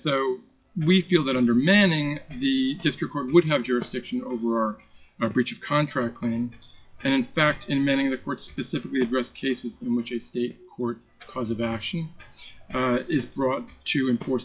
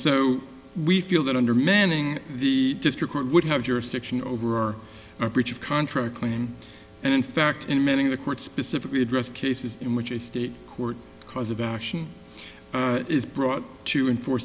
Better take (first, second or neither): second